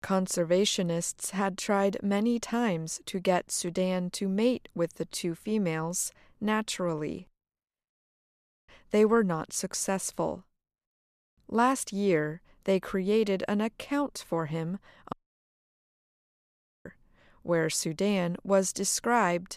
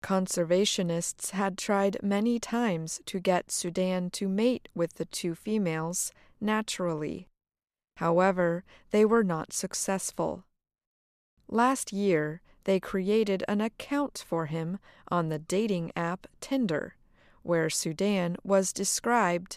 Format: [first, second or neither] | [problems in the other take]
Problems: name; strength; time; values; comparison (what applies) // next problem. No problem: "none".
second | audio cutting out; at 8 s for 1 s and at 15 s for 1.5 s